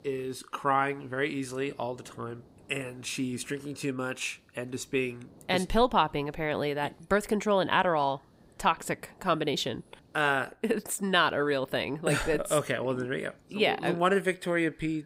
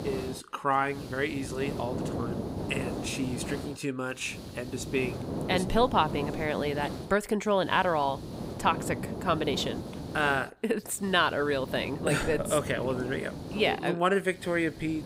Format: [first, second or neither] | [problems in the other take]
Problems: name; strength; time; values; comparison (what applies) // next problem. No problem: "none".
first | hiss; loud; throughout; 8 dB below the speech; faint in the first